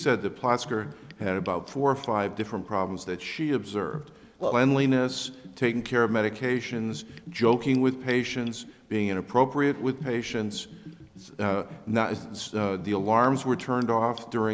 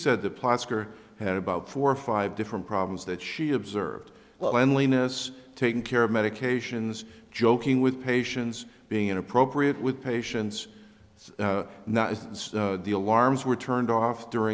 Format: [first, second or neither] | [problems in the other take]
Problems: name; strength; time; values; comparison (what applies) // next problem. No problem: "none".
second | background sound (Bathtub (filling or washing) / Gurgling); 19 dB below the speech